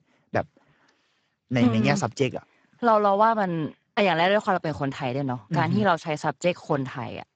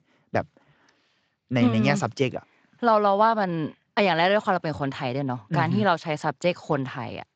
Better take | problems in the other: second | garbled, watery; badly; nothing above 7.5 kHz; slightly in the second

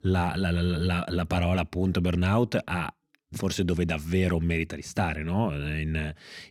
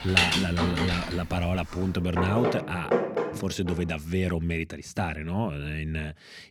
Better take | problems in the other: first | household noises; very loud; until 3 s; 2 dB above the speech

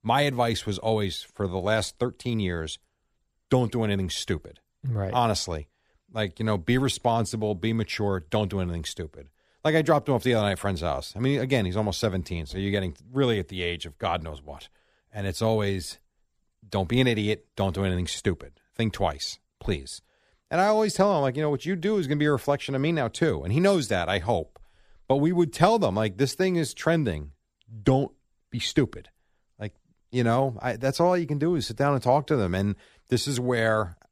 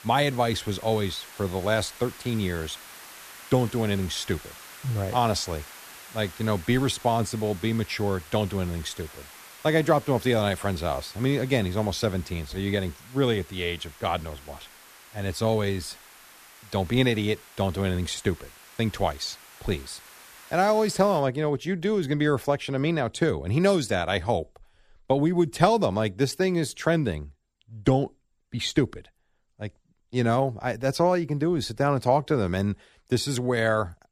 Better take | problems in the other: first | hiss; noticeable; until 21 s; 20 dB below the speech

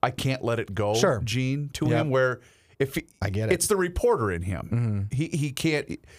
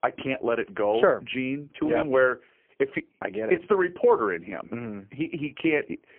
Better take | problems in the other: first | phone-call audio; poor line; nothing above 3 kHz

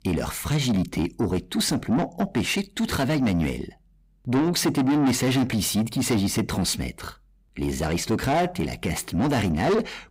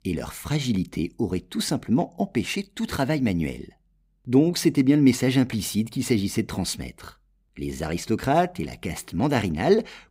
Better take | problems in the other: second | distortion; heavy; 7 dB below the speech

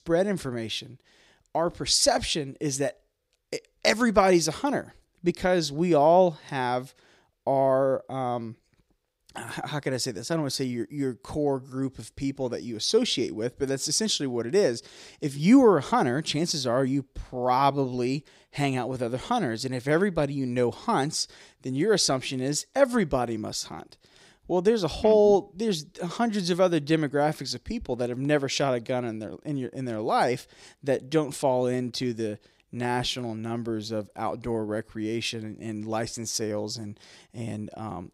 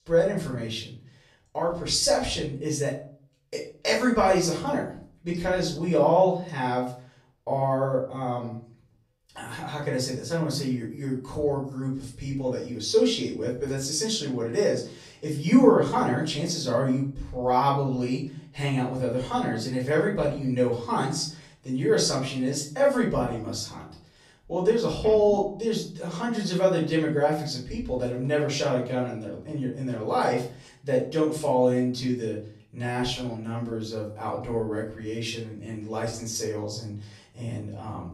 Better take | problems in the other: first | off-mic speech; far // room echo; slight; dies away in 0.5 s

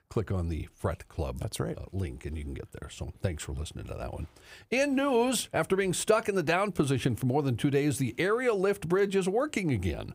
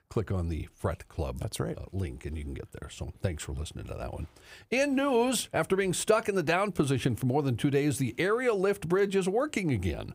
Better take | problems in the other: neither | none

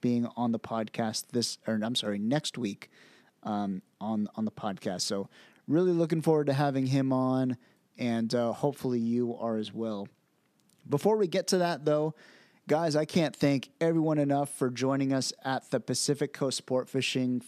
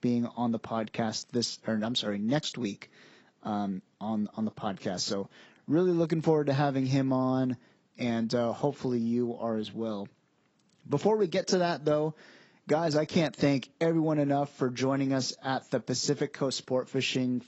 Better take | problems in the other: first | garbled, watery; badly; nothing above 7.5 kHz

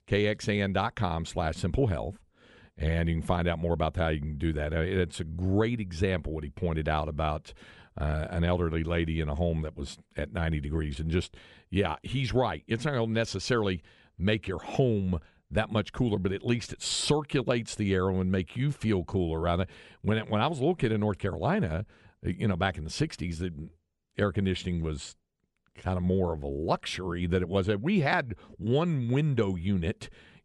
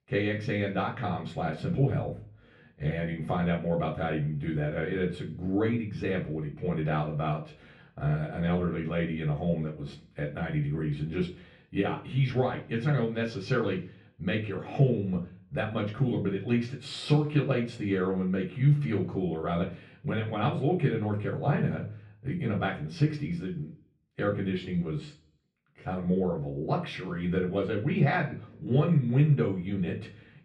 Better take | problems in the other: first | room echo; slight; dies away in 0.4 s // off-mic speech; far

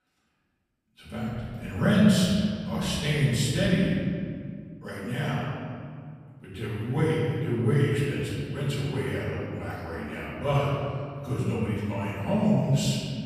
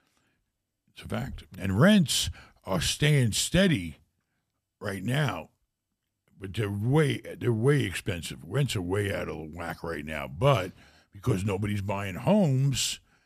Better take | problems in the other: second | off-mic speech; far // room echo; strong; dies away in 2.1 s

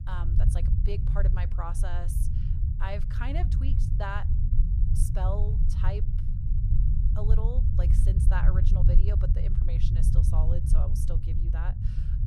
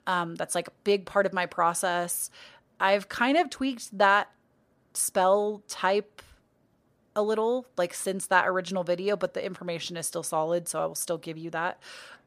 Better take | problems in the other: second | low rumble; loud; throughout; 3 dB below the speech

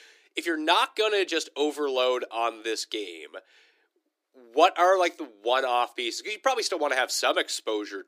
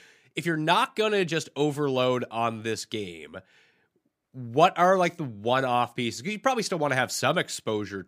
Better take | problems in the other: second | thin; somewhat; fading below 300 Hz

